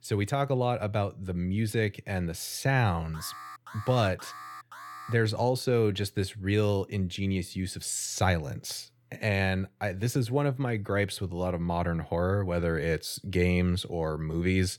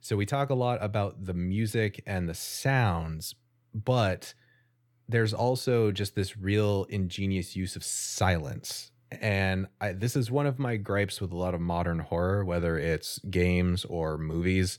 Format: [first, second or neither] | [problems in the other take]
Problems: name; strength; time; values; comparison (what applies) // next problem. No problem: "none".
second | alarm; faint; from 3 to 5 s; peak 15 dB below the speech